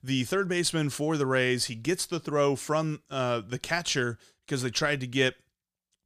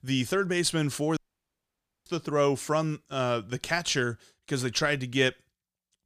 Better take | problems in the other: first | audio cutting out; at 1 s for 1 s

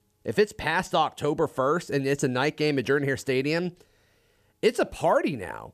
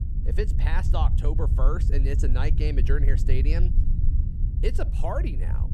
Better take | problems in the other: first | low rumble; loud; throughout; 8 dB below the speech

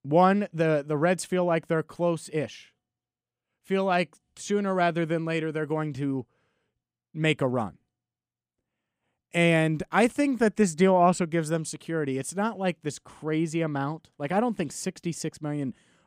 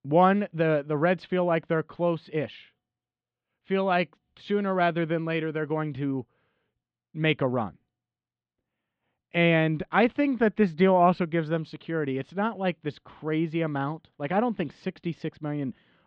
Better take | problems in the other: first | muffled; very; fading above 4 kHz

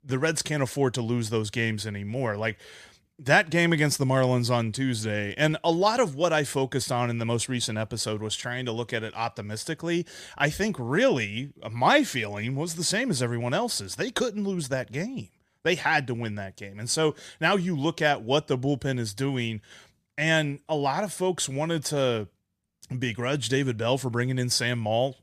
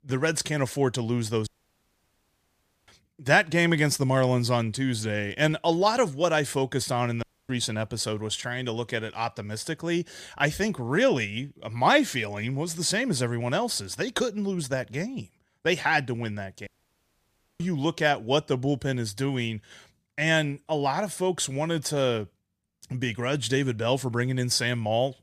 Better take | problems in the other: first | audio cutting out; at 1.5 s for 1.5 s, at 7 s and at 17 s for 1 s

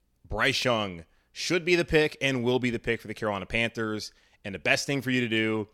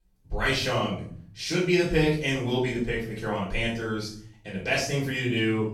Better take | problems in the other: first | off-mic speech; far // room echo; noticeable; dies away in 0.6 s

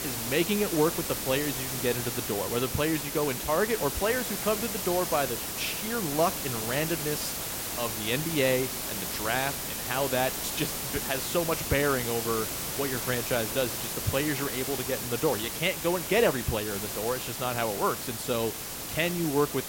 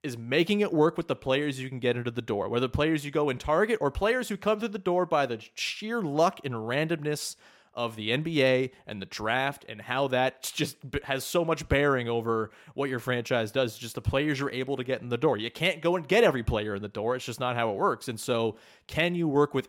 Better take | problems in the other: second | hiss; loud; throughout; 2 dB below the speech

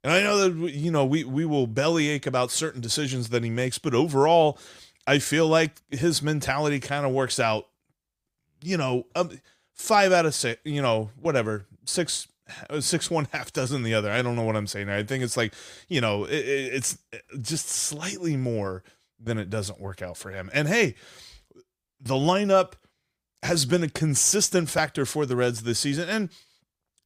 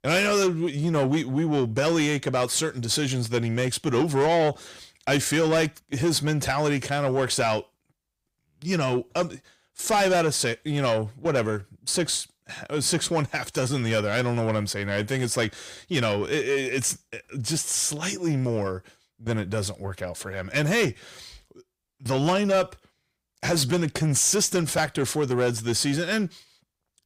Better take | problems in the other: first | distortion; slight; 10 dB below the speech

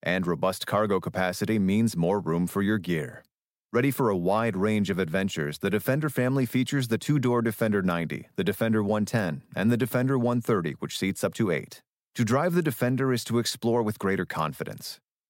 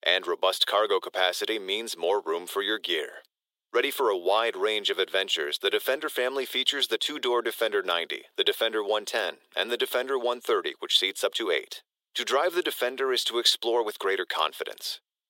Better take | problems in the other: first | thin; very; fading below 350 Hz

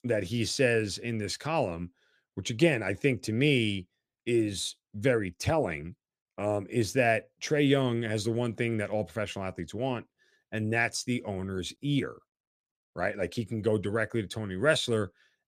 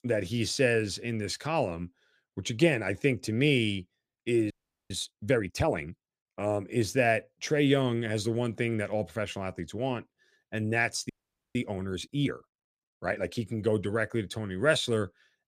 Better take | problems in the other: first | audio freezing; at 4.5 s and at 11 s

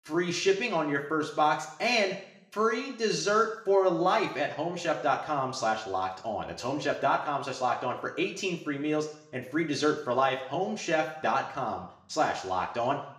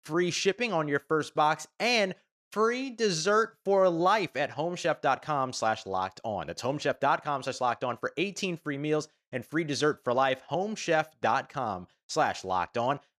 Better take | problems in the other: second | room echo; slight; dies away in 0.6 s // off-mic speech; somewhat distant

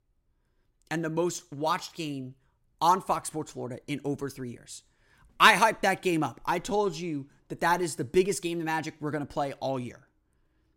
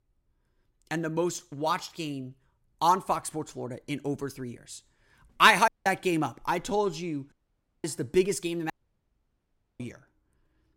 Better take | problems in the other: first | audio cutting out; at 5.5 s, at 7.5 s for 0.5 s and at 8.5 s for 1 s

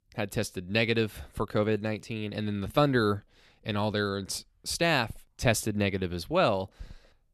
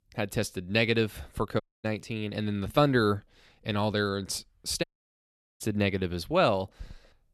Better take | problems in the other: first | audio cutting out; at 1.5 s and at 5 s for 1 s

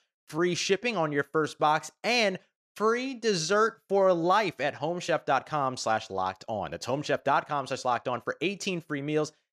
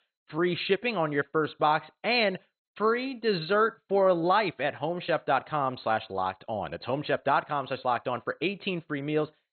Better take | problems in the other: first | garbled, watery; badly; nothing above 4 kHz

